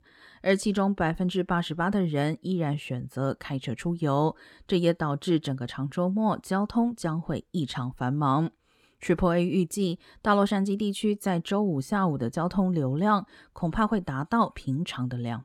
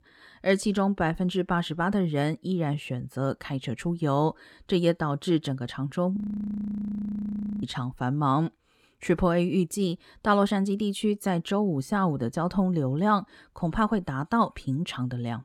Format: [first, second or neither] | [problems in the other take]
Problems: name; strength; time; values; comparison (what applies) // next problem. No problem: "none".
first | audio freezing; at 6 s for 1.5 s